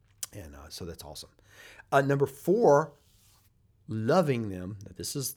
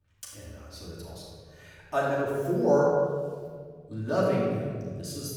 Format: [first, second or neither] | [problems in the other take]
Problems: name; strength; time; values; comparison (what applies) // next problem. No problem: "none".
first | off-mic speech; far // room echo; strong; dies away in 1.7 s